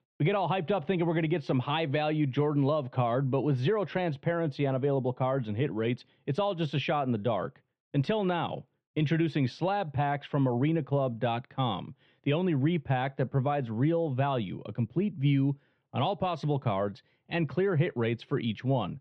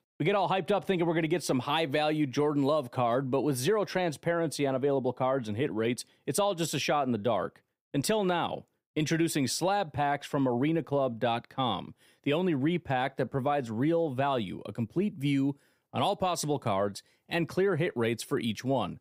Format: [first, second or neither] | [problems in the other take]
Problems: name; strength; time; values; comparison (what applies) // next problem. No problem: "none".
second | muffled; slightly; fading above 3.5 kHz